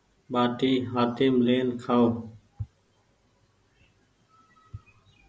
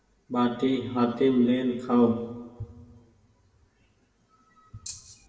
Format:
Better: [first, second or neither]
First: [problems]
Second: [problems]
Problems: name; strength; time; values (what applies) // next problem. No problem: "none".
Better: first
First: none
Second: background sound (Rattle (instrument)); 14 dB below the speech // room echo; dies away in 1.4 s